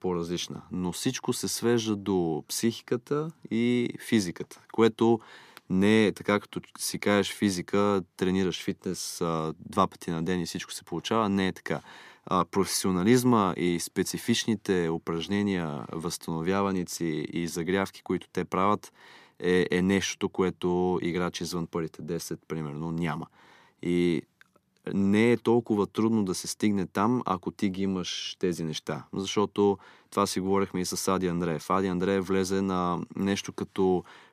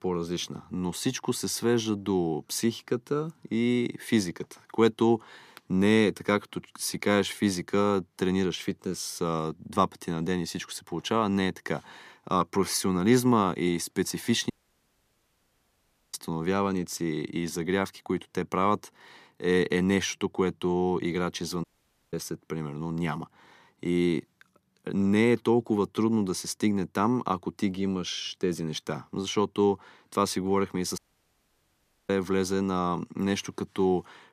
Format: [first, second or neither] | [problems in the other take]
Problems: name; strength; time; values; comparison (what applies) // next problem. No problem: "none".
first | audio cutting out; at 15 s for 1.5 s, at 22 s and at 31 s for 1 s